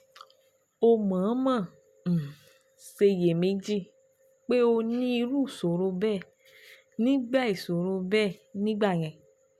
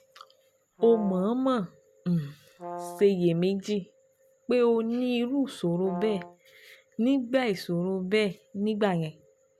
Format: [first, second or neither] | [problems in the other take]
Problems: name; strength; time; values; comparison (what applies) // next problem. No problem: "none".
first | background sound (Brass instrument); 14 dB below the speech